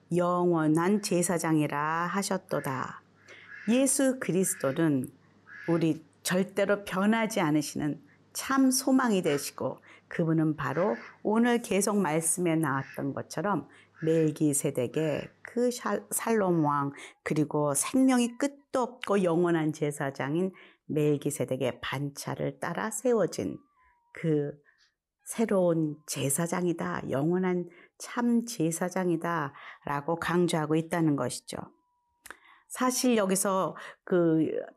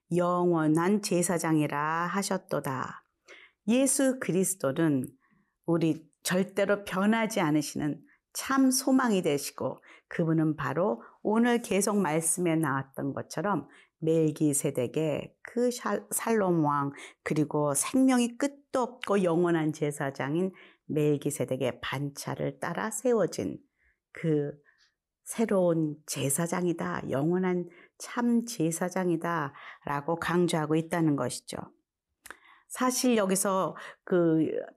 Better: second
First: animal sounds; faint; throughout; 25 dB below the speech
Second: none

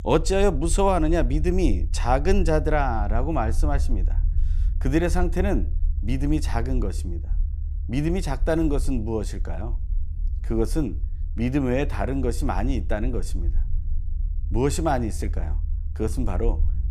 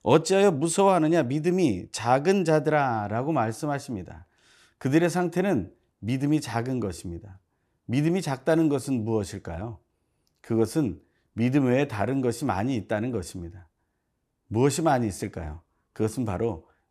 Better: second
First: low rumble; faint; throughout; 20 dB below the speech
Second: none

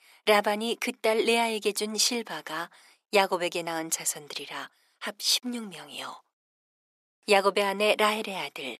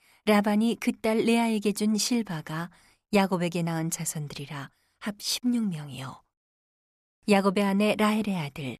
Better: second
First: thin; somewhat; fading below 350 Hz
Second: none

